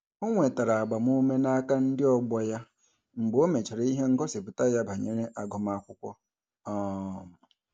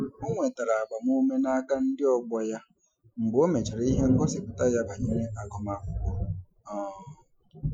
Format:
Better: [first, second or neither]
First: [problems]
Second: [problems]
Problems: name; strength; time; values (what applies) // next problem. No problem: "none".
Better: first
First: none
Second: noise reduction (classical method Wiener filter)